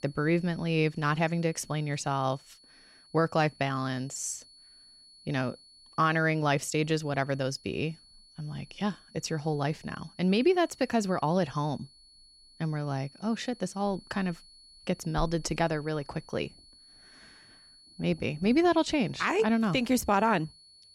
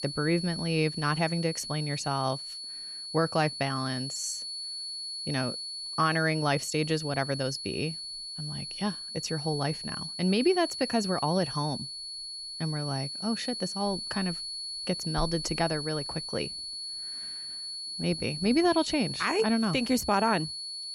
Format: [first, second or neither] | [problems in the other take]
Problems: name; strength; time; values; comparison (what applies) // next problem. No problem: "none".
first | high-pitched whine; loud; throughout; 4.5 kHz, 5 dB below the speech; faint in the first